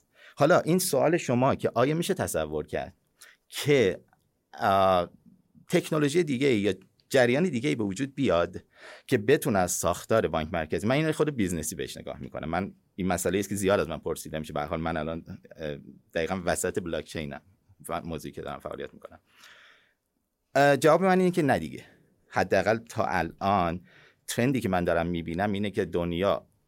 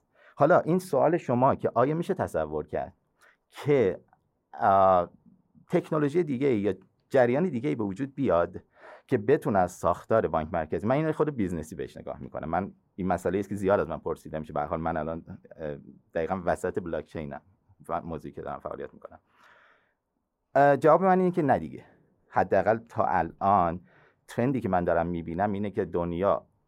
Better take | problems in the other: first | muffled; very; fading above 2 kHz

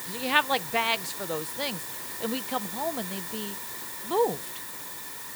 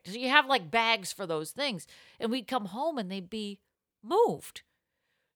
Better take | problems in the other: second | hiss; loud; throughout; 5 dB below the speech

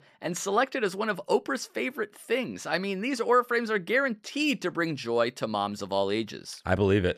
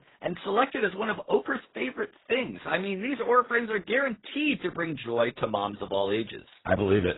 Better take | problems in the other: first | garbled, watery; badly; nothing above 4 kHz

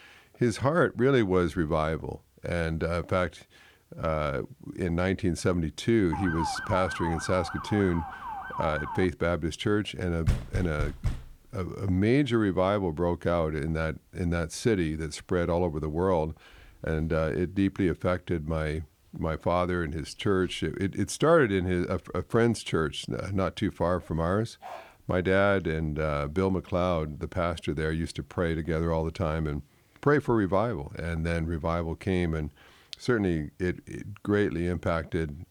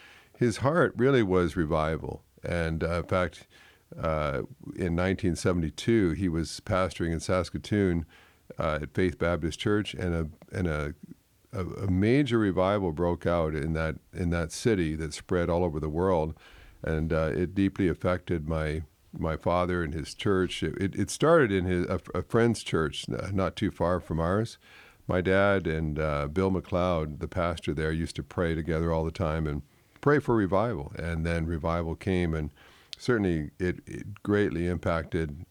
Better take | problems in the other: second | siren; noticeable; from 6 to 9 s; peak 4 dB below the speech // door banging; noticeable; at 10 s; peak 2 dB below the speech // dog barking; faint; at 25 s; peak 15 dB below the speech

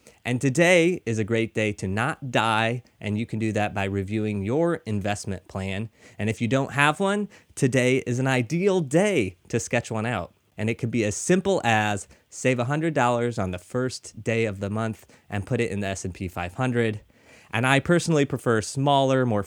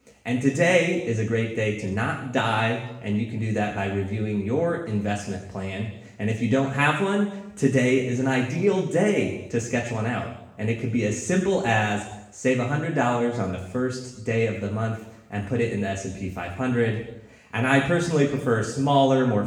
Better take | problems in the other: first | room echo; noticeable; dies away in 0.9 s // off-mic speech; far

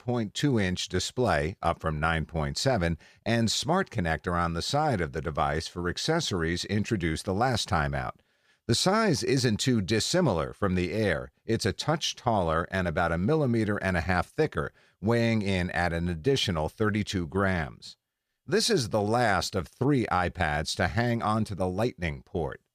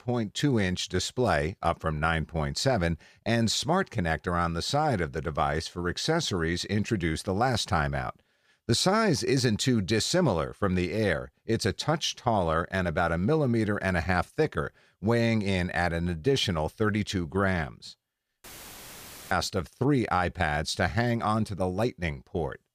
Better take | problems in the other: first | audio cutting out; filled with static; at 18 s for 1 s

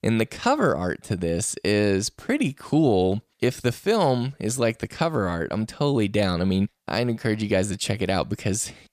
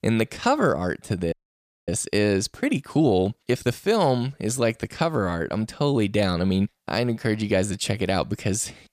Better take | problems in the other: first | audio freezing; at 1.5 s for 0.5 s

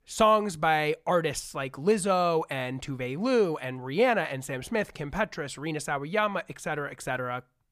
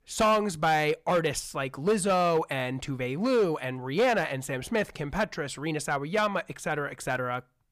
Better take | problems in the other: first | distortion; slight; 5% of the sound clipped

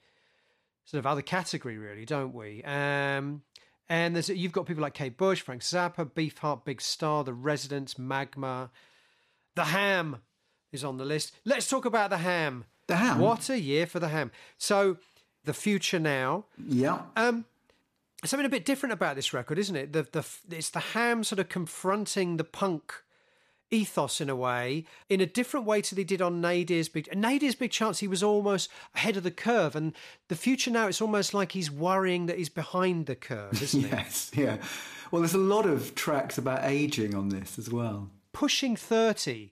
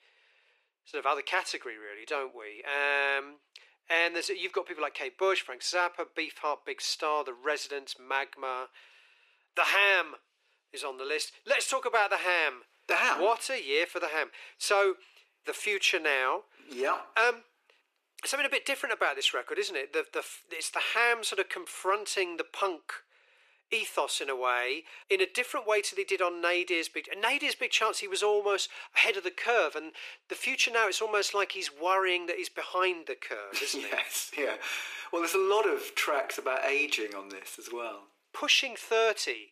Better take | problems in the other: first | thin; very; fading below 350 Hz

